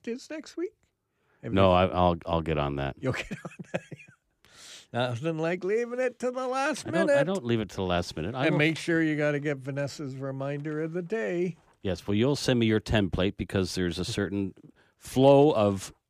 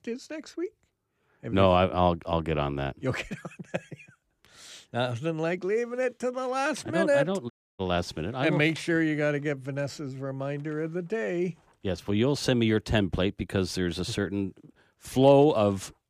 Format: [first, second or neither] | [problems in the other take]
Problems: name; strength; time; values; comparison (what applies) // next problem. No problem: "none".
first | audio cutting out; at 7.5 s